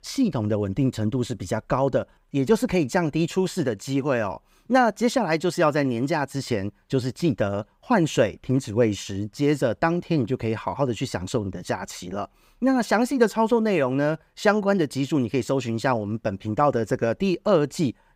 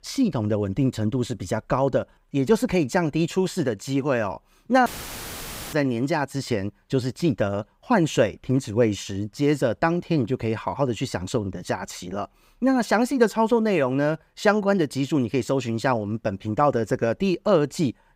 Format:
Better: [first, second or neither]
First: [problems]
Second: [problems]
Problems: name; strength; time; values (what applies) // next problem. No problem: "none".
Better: first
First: none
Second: audio cutting out; filled with static; at 5 s for 1 s